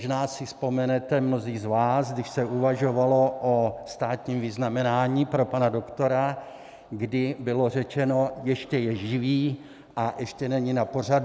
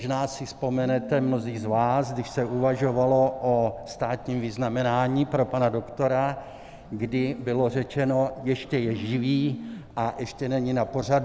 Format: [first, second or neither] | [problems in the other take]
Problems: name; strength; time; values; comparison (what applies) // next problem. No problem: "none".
first | background sound (Telephone); 17 dB below the speech